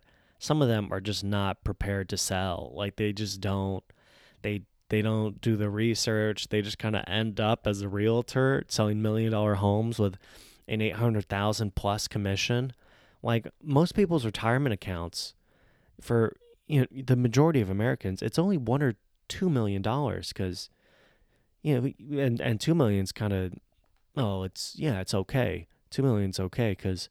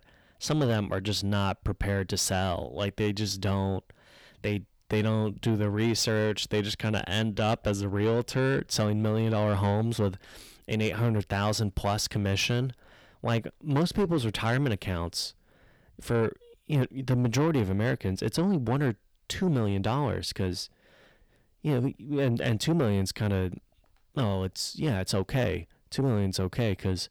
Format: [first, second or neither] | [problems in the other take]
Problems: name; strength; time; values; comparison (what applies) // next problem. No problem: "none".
first | distortion; slight; 10 dB below the speech